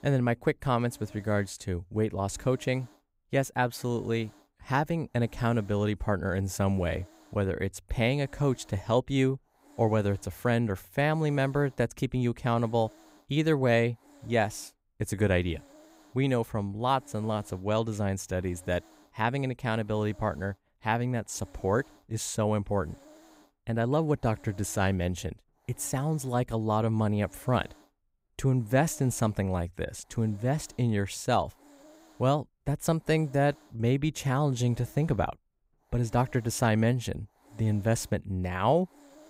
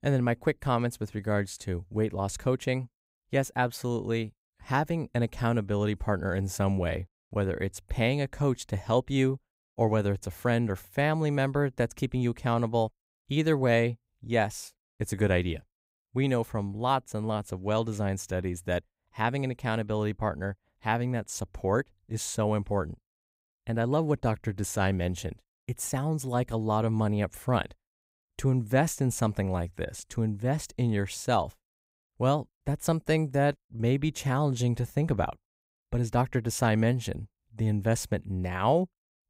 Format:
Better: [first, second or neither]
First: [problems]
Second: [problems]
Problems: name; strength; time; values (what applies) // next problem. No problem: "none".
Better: second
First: hiss; faint; throughout; 30 dB below the speech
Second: none